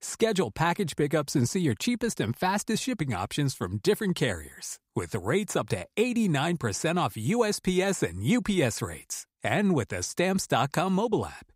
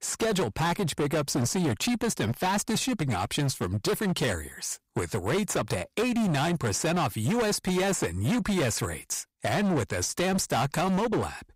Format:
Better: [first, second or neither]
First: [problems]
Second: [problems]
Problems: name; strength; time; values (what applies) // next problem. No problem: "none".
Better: first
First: none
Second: distortion; heavy; 24% of the sound clipped